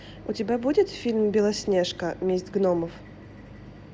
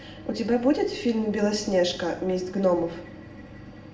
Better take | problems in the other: first | room echo; dies away in 0.7 s

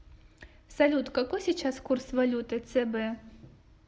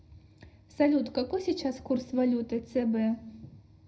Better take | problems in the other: first | room echo; dies away in 0.3 s

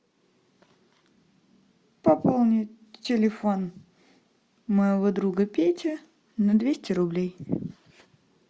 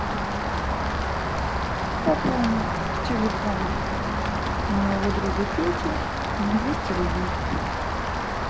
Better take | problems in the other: first | background sound (Rain); 3 dB above the speech

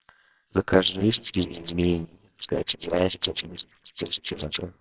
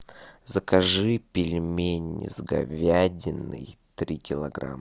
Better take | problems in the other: second | noise reduction (neural separator model SepFormer WHAMR!)

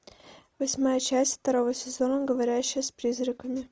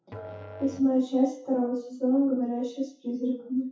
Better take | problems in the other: first | noise reduction (classical method WPE with log-MMSE)

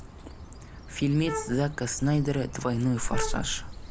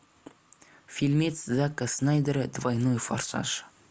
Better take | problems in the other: second | background sound (Wind instrument, woodwind instrument + Bird); 6 dB below the speech

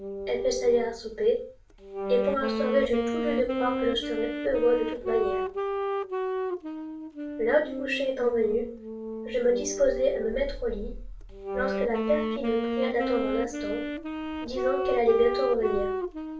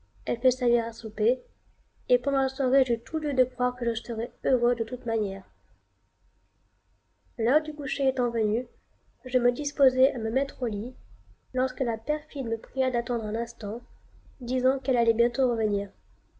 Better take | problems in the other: second | background sound (Wind instrument, woodwind instrument); 4 dB below the speech // room echo; dies away in 0.3 s

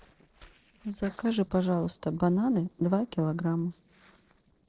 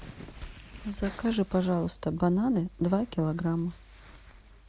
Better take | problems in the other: second | noise reduction (neural separator model SepFormer DNS4)

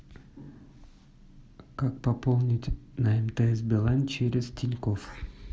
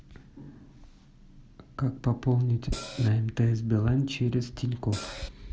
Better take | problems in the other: first | background sound (Cymbal); 10 dB below the speech

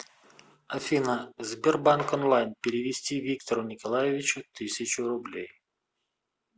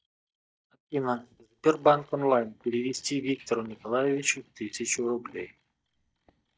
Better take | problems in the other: first | noise reduction (neural mask model DeepFilterNet 3)

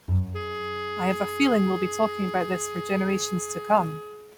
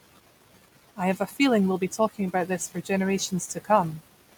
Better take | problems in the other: second | background sound (Bowed string instrument + Wind instrument, woodwind instrument); 5 dB below the speech

